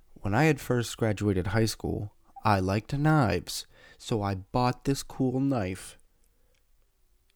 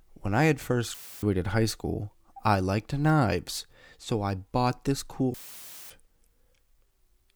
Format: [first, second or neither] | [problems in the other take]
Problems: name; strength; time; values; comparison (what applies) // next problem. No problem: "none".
first | audio cutting out; filled with static; at 1 s and at 5.5 s for 0.5 s